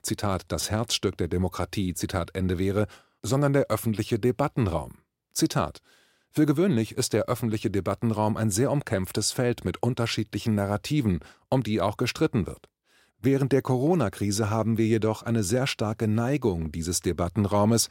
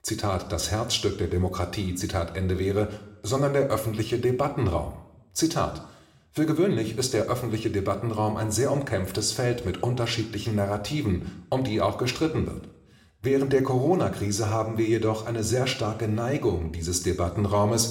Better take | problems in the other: first | room echo; very slight; dies away in 0.6 s

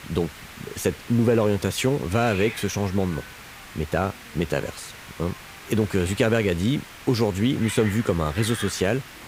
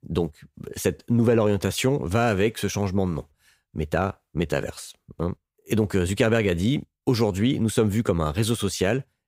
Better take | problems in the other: second | hiss; noticeable; throughout; 15 dB below the speech

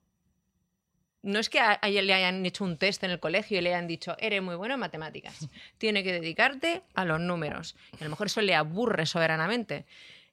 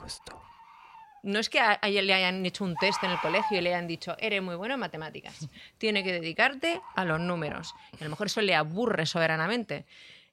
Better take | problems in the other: first | animal sounds; noticeable; throughout; 10 dB below the speech

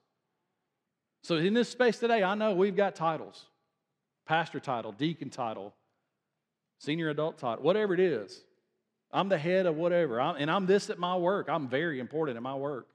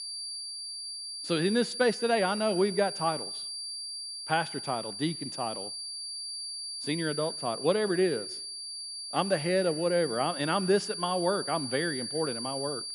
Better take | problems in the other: first | high-pitched whine; loud; throughout; 4.5 kHz, 6 dB below the speech

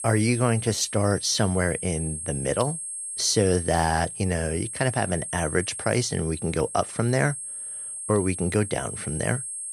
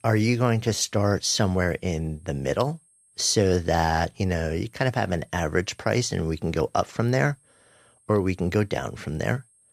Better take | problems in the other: second | high-pitched whine; loud; throughout; 8.5 kHz, 7 dB below the speech; faint in the second

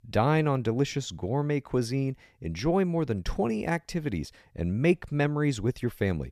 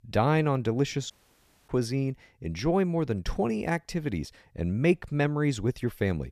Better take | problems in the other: first | audio cutting out; at 1 s for 0.5 s

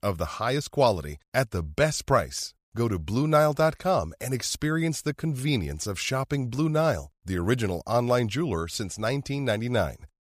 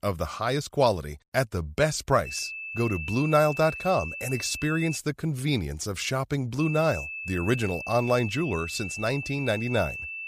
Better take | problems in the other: first | high-pitched whine; loud; from 2.5 to 5 s and from 6.5 s on; 2.5 kHz, 7 dB below the speech

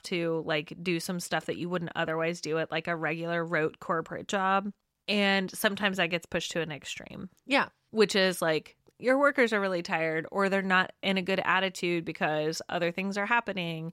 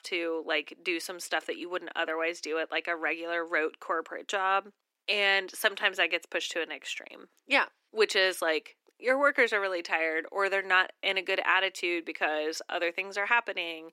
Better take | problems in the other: first | thin; somewhat; fading below 300 Hz

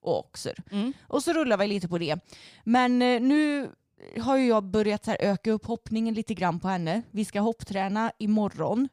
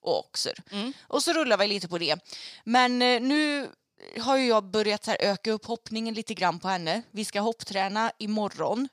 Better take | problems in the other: first | thin; very slightly; fading below 550 Hz

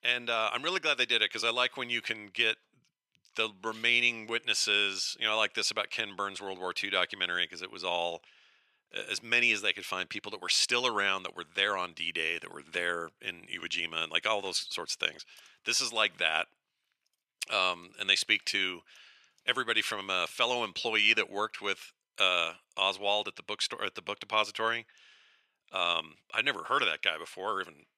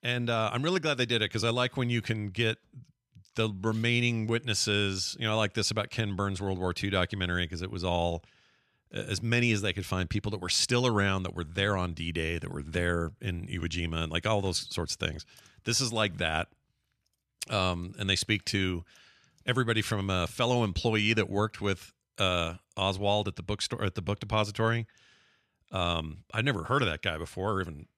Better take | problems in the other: second | thin; very; fading below 450 Hz

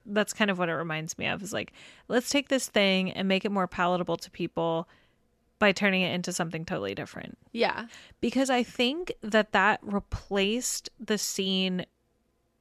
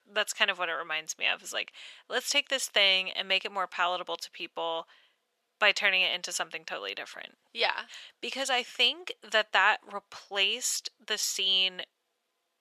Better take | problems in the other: first | thin; very; fading below 700 Hz

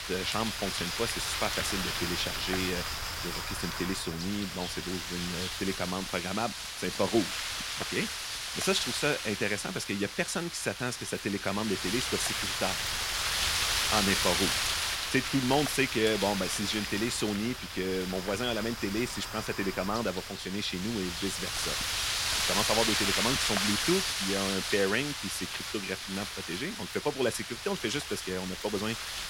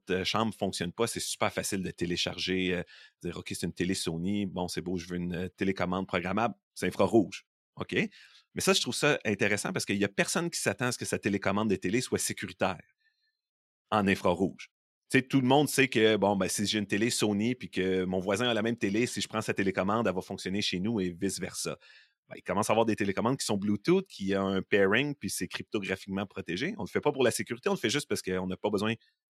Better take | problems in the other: second | wind noise on the microphone; heavy; 2 dB above the speech

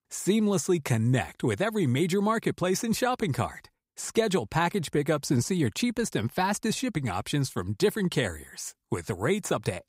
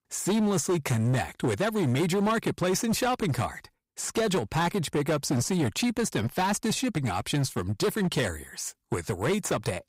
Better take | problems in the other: first | distortion; slight; 14% of the sound clipped

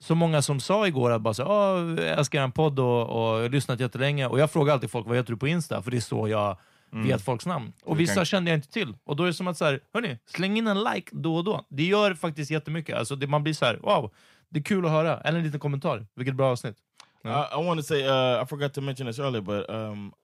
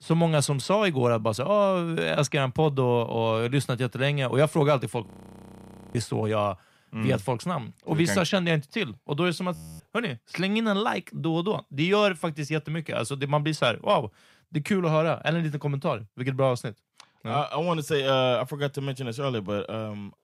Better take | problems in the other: first | audio freezing; at 5 s for 1 s and at 9.5 s

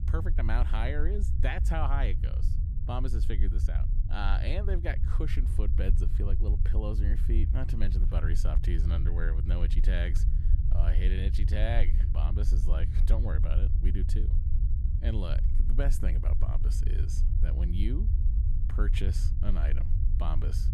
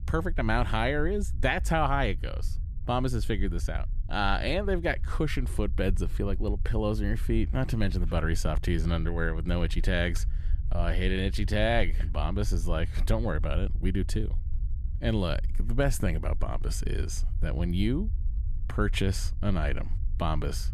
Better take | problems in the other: second | low rumble; loud; throughout; 8 dB below the speech; faint in the second

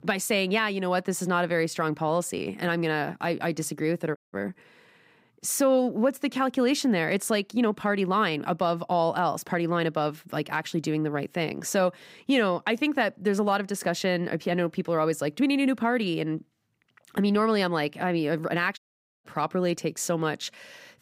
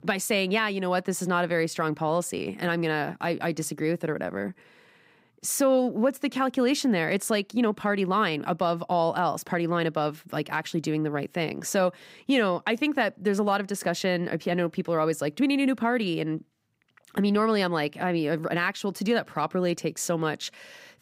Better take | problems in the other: second | audio cutting out; at 4 s and at 19 s

